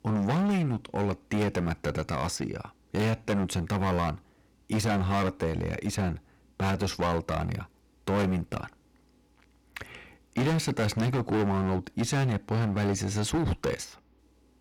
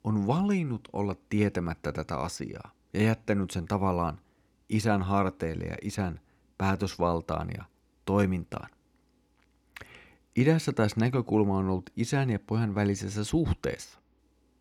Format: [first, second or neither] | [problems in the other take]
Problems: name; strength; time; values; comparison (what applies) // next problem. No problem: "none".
second | distortion; heavy; 16% of the sound clipped